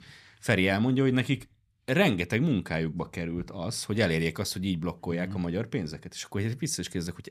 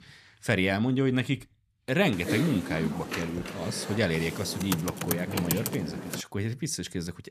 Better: first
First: none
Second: keyboard typing; noticeable; from 2 to 6 s; peak level with the speech

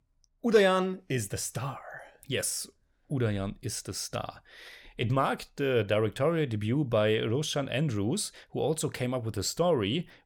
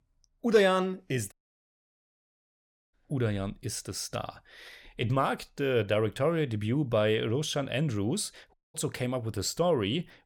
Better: first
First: none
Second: audio cutting out; at 1.5 s for 1.5 s and at 8.5 s

